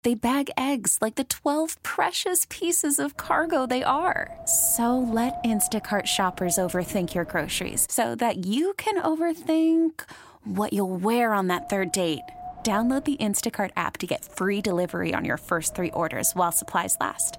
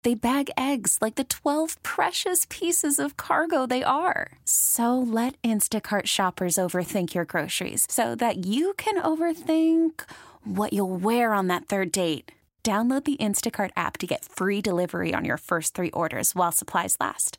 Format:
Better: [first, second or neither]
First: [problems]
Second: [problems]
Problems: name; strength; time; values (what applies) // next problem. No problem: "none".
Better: second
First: wind noise on the microphone; occasional gusts; from 3 to 8 s and from 12 s on; 15 dB below the speech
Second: none